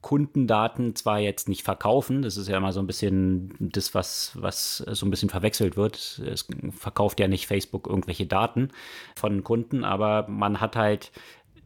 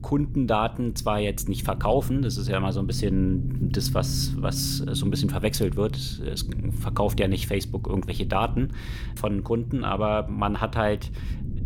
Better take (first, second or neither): first